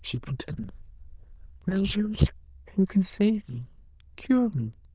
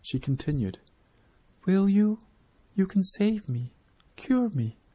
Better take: second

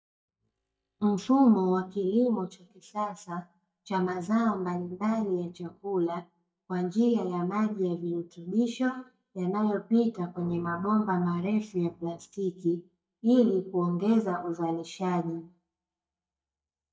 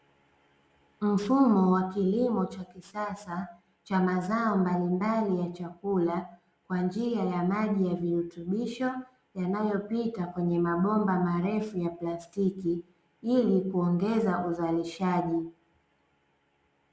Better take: second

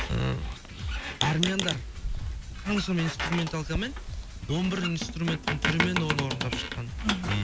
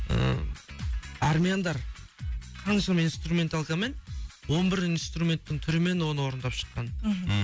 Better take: second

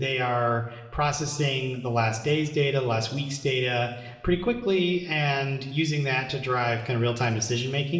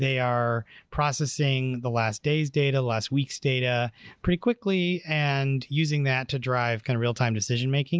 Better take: second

